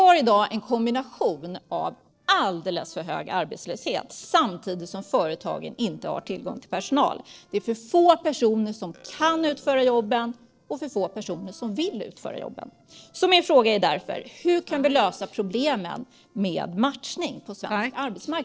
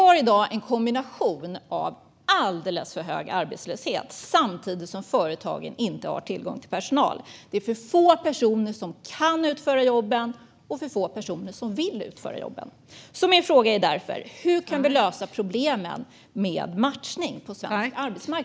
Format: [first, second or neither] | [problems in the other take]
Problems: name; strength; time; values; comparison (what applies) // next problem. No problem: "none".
second | noise reduction (neural separator model SepFormer DNS4)